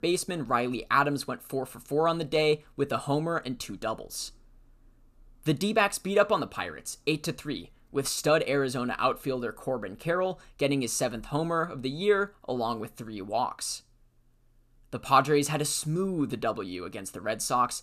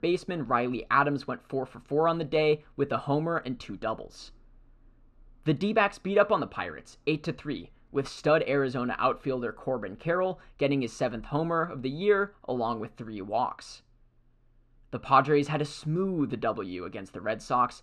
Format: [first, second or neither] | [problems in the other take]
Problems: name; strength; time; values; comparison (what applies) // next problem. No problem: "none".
first | muffled; slightly; fading above 3 kHz